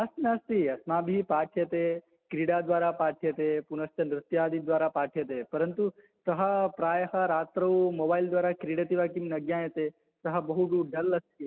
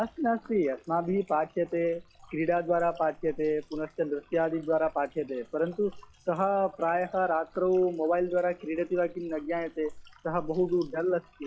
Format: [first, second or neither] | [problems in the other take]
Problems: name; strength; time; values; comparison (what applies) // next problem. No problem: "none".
first | noise reduction (classical method log-MMSE)